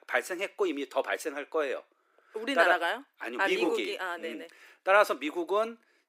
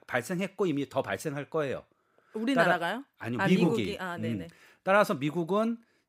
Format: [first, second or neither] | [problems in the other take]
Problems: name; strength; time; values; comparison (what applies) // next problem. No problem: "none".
second | thin; somewhat; fading below 300 Hz